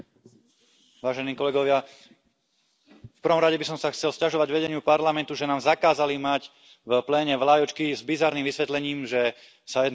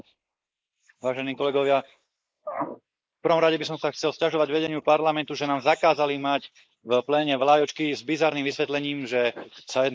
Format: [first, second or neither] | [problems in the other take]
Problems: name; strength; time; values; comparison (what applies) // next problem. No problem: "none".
first | noise reduction (neural mask model Resemble Enhance denoiser)